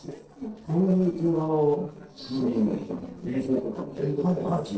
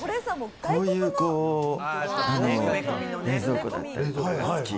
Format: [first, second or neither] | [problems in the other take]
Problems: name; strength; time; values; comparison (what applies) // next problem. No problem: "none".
second | noise reduction (neural separator model SepFormer DNS4)